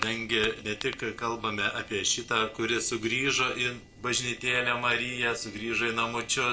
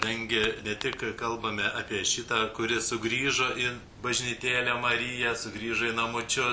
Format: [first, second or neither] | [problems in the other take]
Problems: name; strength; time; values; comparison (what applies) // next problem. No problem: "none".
second | noise reduction (neural separator model SepFormer DNS4)